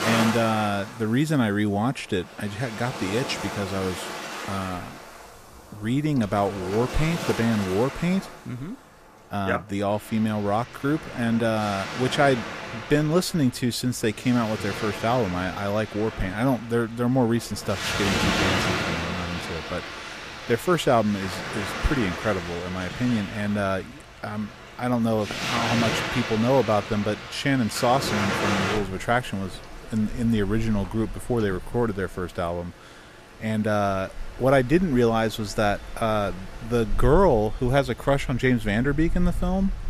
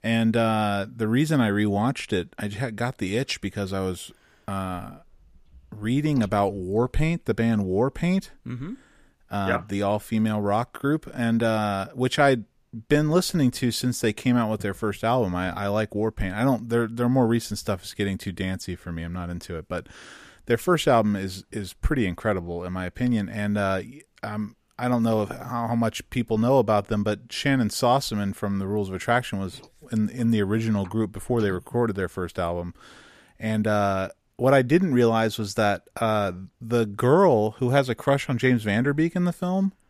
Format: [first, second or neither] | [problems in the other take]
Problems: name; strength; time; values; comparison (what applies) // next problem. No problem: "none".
second | rain or running water; loud; throughout; 6 dB below the speech